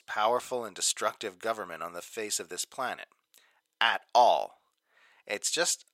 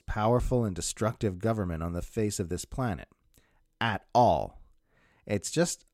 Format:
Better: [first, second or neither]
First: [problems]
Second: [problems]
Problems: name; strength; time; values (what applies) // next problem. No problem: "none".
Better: second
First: thin; very; fading below 750 Hz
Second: none